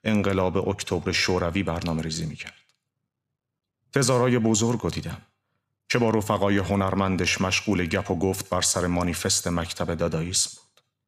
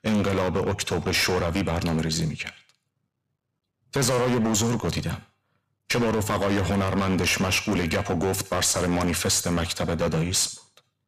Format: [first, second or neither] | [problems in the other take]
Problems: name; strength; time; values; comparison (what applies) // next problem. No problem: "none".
first | distortion; heavy; 16% of the sound clipped